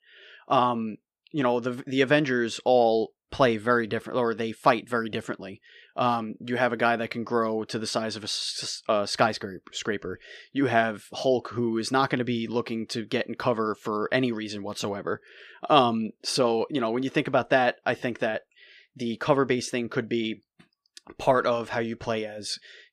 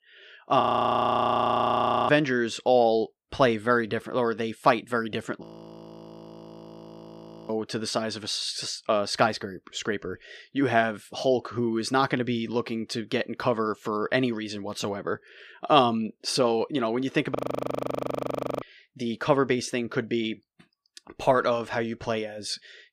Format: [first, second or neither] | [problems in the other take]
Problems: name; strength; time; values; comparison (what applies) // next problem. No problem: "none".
first | audio freezing; at 0.5 s for 1.5 s, at 5.5 s for 2 s and at 17 s for 1.5 s